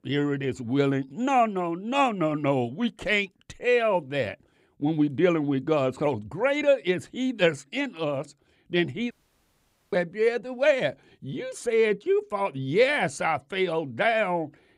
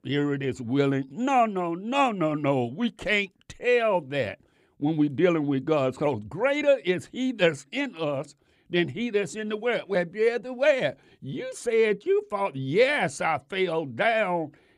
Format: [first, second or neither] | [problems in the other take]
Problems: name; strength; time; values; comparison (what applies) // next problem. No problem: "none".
second | audio cutting out; at 9 s for 1 s